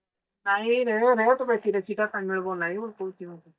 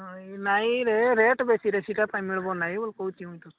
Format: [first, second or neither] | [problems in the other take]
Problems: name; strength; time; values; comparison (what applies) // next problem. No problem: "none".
second | noise reduction (neural mask model DeepFilterNet 3)